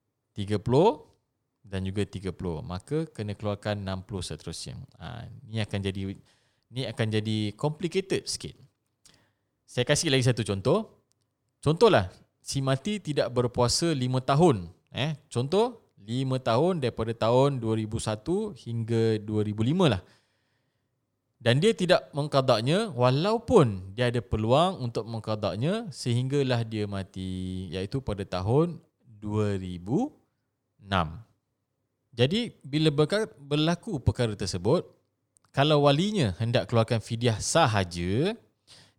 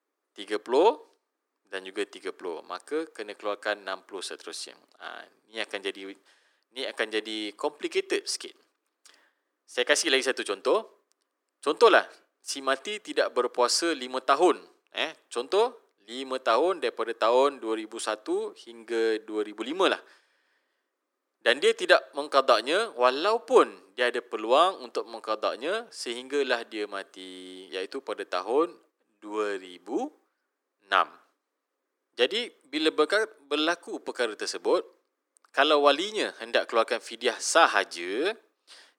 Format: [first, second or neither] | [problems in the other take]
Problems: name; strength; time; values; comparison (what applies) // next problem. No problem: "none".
first | thin; very; fading below 300 Hz